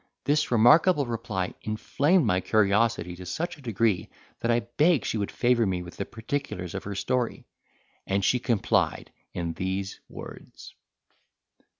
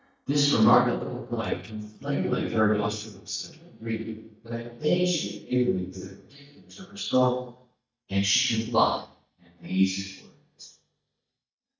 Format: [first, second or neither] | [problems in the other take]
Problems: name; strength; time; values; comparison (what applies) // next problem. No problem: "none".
first | noise reduction (neural mask model DeepFilterNet 3)